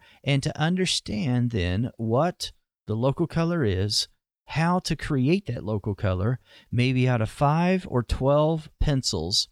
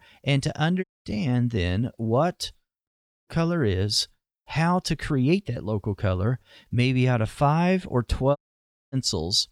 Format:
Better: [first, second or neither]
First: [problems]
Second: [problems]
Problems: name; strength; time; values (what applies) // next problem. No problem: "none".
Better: first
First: none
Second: audio cutting out; at 1 s, at 3 s and at 8.5 s for 0.5 s